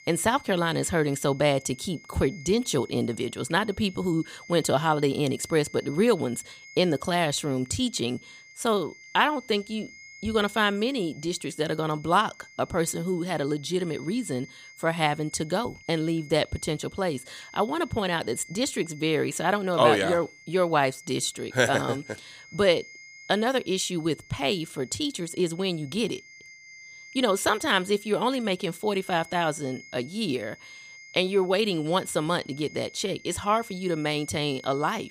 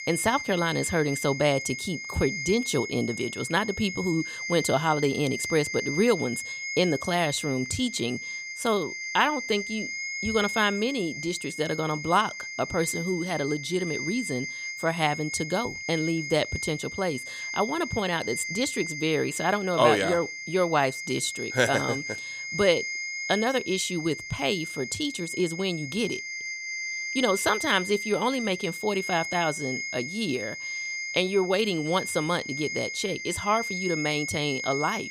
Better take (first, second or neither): first